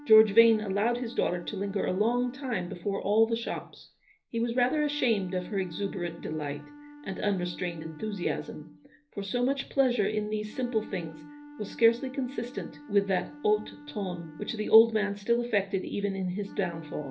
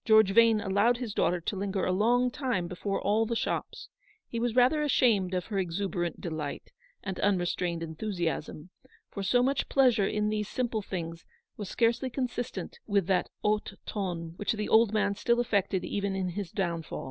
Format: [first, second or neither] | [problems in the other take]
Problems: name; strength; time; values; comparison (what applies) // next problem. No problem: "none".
second | background sound (Wind instrument, woodwind instrument); 19 dB below the speech // room echo; dies away in 0.3 s